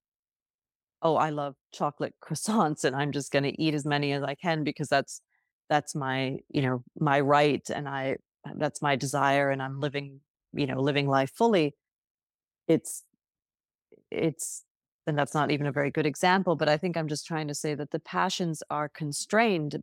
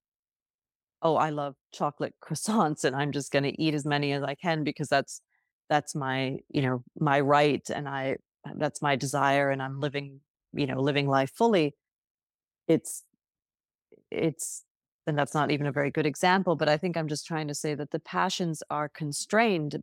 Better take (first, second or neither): neither